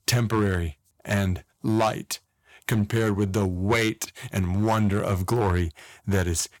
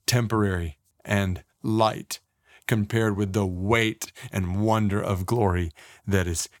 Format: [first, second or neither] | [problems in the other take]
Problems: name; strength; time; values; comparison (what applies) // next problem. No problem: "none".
second | distortion; slight; 4% of the sound clipped